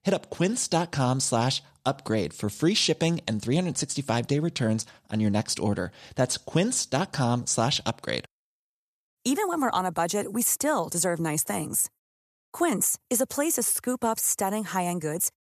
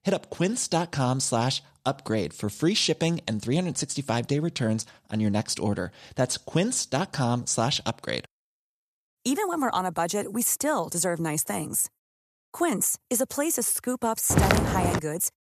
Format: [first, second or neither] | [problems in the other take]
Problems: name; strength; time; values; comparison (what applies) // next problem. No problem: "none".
first | footsteps; loud; at 14 s; peak 4 dB above the speech